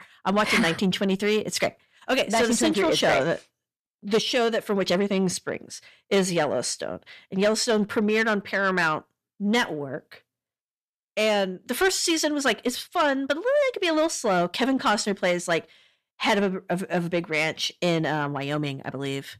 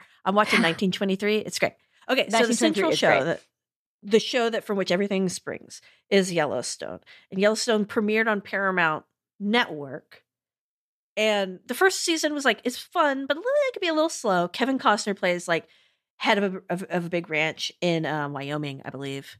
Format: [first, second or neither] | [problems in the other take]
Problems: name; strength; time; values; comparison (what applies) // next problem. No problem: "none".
second | distortion; slight; 10 dB below the speech